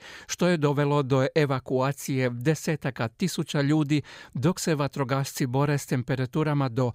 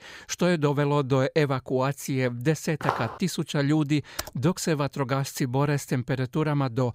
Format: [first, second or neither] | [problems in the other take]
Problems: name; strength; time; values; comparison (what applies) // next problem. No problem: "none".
first | footsteps; noticeable; at 3 s; peak 4 dB below the speech // keyboard typing; faint; at 4 s; peak 10 dB below the speech